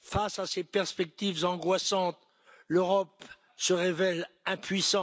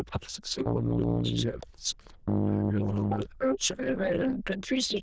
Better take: first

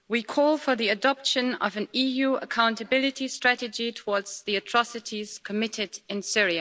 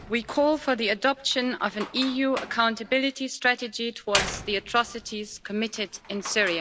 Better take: first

